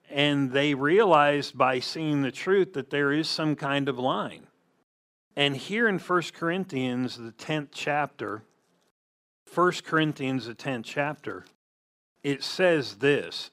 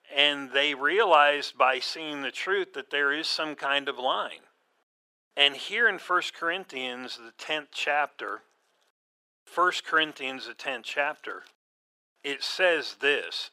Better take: first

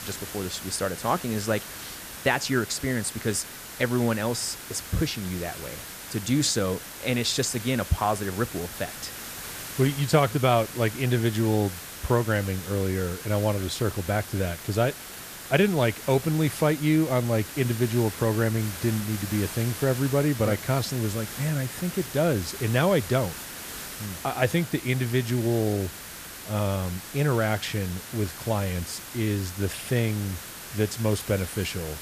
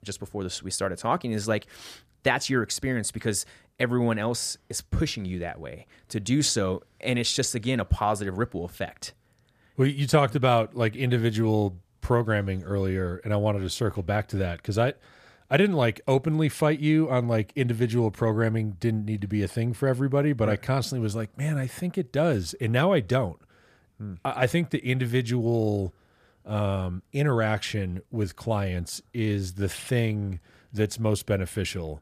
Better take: second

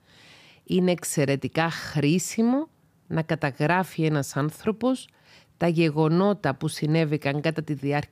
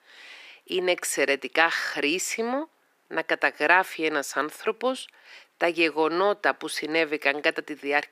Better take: first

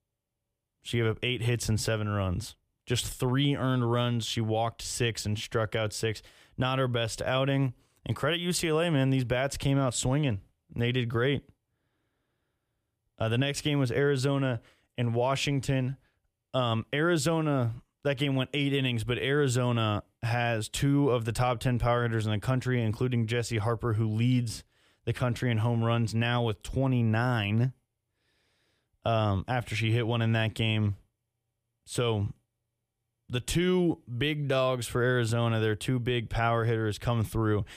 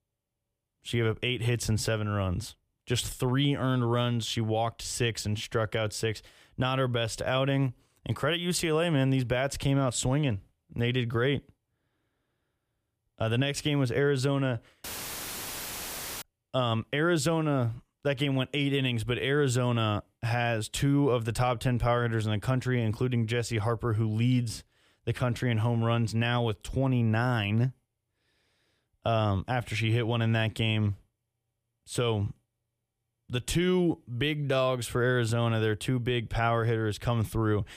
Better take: first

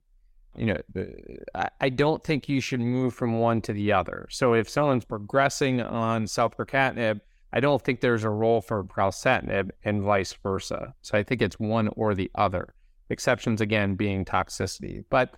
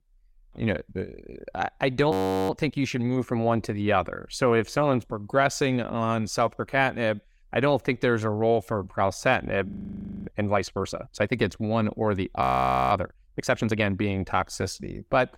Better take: first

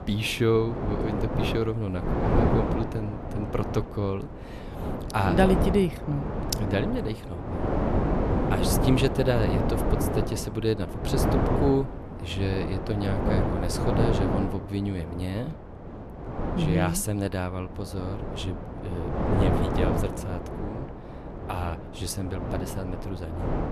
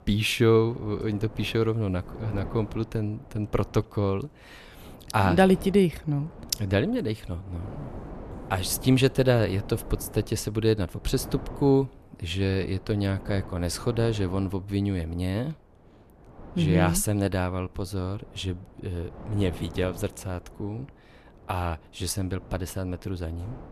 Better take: second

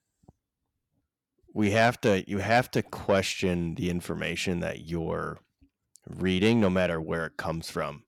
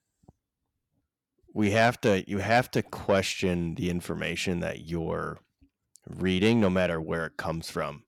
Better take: neither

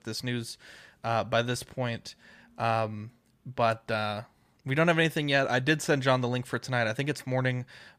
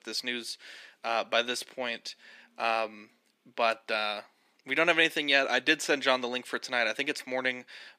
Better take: first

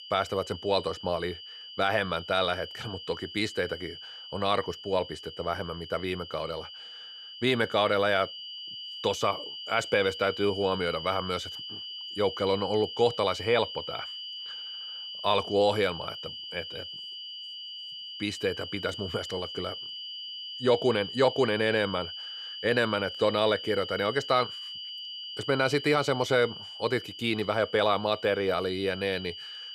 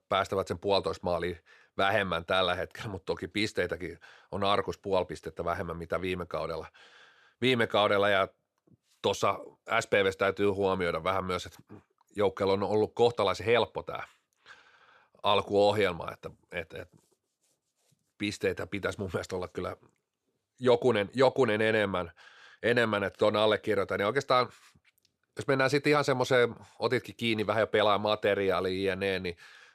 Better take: second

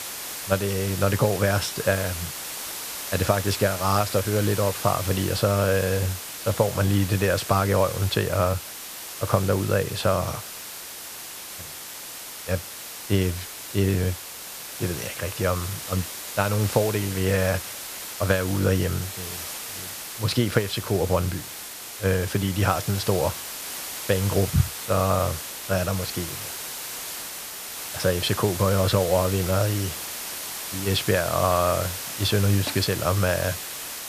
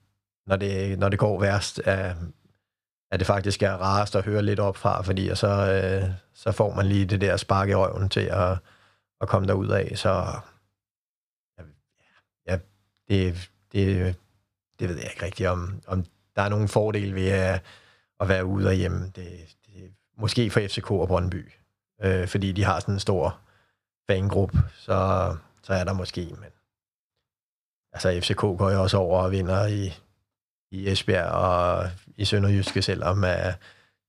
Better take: second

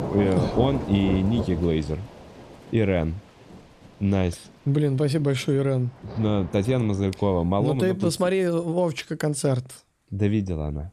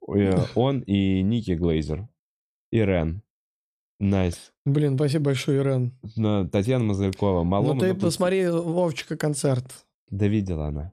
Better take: second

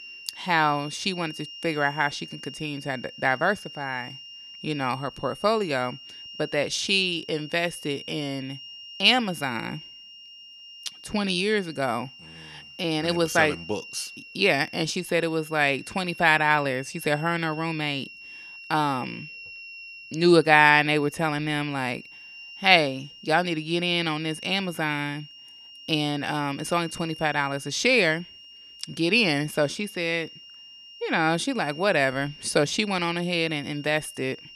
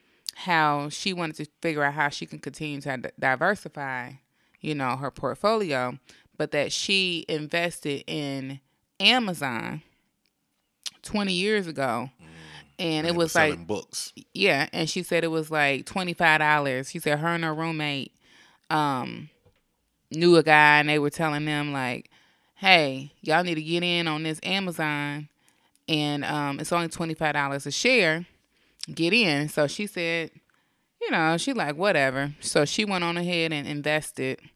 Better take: second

